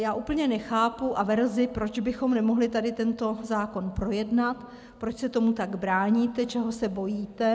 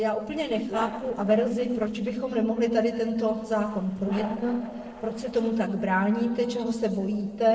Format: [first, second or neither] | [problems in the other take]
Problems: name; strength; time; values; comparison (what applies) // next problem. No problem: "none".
first | noise reduction (neural separator model SepFormer DNS4)